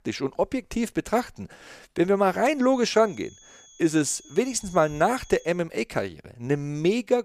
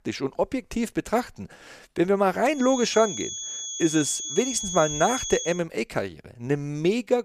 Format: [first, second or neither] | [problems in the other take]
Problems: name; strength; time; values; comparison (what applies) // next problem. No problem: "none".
first | high-pitched whine; loud; from 2.5 to 5.5 s; 6.5 kHz, 5 dB below the speech; faint in the first